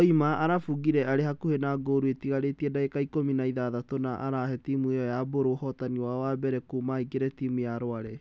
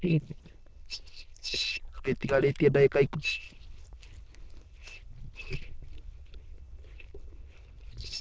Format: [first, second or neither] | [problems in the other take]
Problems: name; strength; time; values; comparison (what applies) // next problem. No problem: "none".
first | noise reduction (neural diffusion model UNIVERSE++)